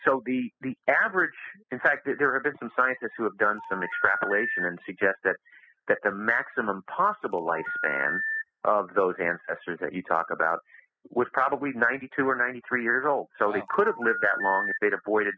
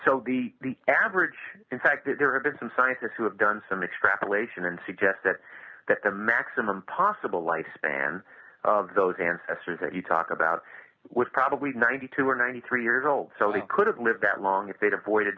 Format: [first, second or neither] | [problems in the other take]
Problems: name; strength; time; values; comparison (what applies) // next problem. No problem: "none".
second | noise reduction (classical method spectral subtraction)